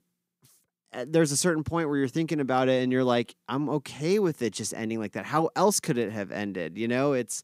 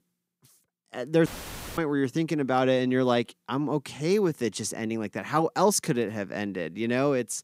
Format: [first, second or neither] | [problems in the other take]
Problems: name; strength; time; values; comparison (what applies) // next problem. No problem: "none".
first | audio cutting out; filled with static; at 1.5 s for 0.5 s